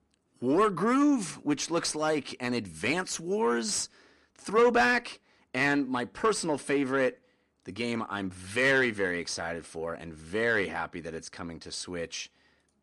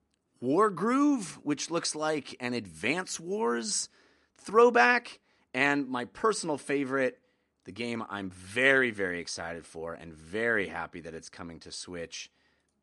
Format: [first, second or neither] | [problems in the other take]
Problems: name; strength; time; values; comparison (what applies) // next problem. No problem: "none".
second | distortion; slight; 10 dB below the speech